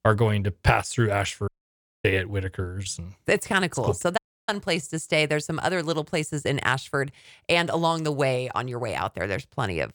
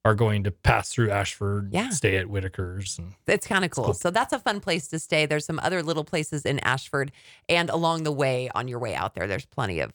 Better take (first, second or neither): second